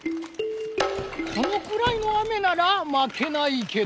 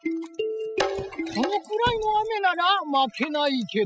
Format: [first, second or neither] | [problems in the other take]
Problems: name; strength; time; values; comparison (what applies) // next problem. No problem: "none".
first | noise reduction (classical method spectral subtraction)